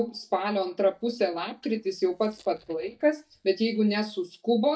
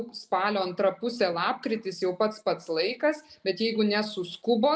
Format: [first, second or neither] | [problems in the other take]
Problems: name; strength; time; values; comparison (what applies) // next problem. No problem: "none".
second | noise reduction (neural mask model DeepFilterNet 3)